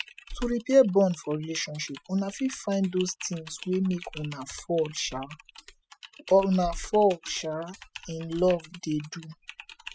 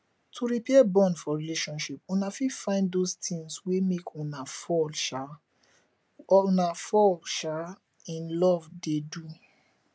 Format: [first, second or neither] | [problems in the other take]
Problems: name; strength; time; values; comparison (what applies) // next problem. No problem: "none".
second | noise reduction (classical method spectral subtraction)